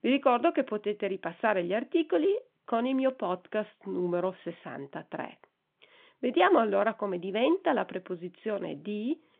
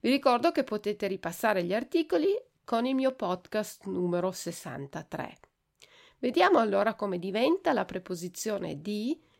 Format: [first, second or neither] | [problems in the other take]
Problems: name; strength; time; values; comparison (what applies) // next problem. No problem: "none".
second | phone-call audio; nothing above 3.5 kHz